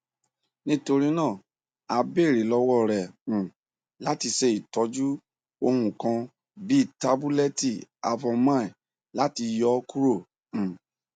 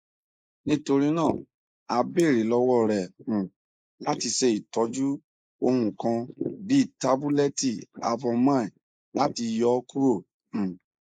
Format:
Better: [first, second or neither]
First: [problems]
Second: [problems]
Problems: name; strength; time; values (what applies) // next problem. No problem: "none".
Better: first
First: none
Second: noise reduction (neural mask model Resemble Enhance denoiser)